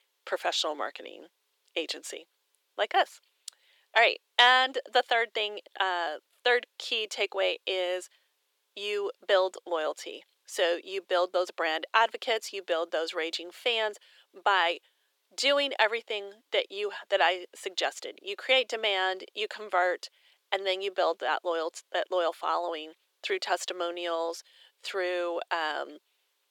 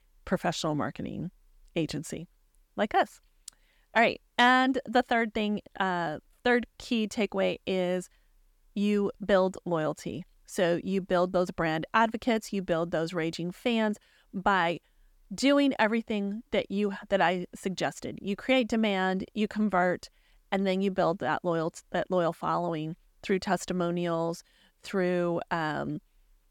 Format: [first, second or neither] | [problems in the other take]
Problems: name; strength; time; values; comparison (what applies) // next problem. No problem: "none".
second | thin; very; fading below 400 Hz